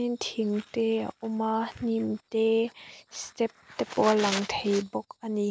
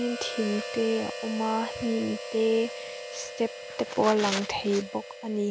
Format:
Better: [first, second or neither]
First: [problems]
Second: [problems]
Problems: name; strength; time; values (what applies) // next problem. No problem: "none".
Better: first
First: none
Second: background sound (Harmonica); 10 dB below the speech